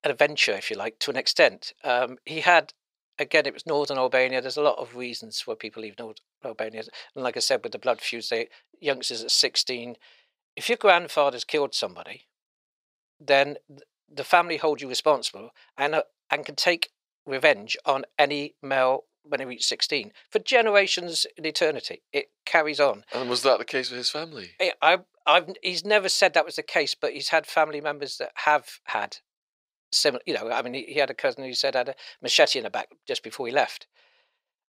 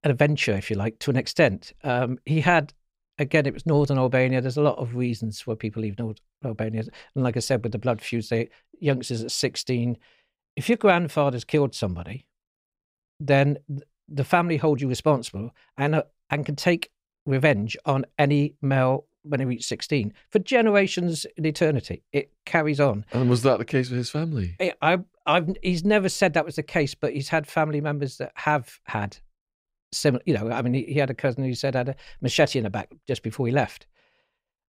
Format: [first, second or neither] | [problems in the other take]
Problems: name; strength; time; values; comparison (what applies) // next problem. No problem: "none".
second | thin; very; fading below 600 Hz